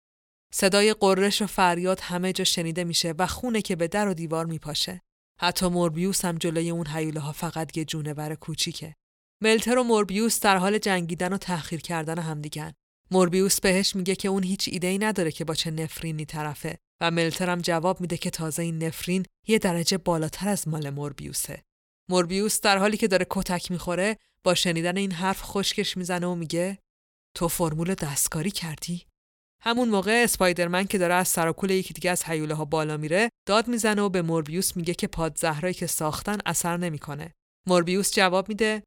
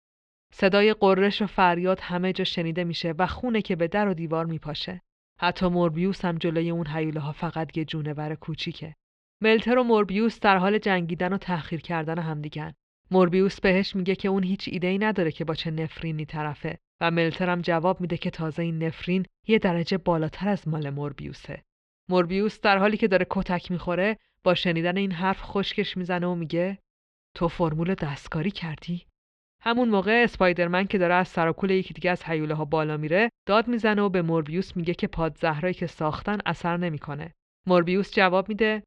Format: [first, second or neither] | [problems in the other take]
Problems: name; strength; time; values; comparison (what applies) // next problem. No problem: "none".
first | muffled; slightly; fading above 3.5 kHz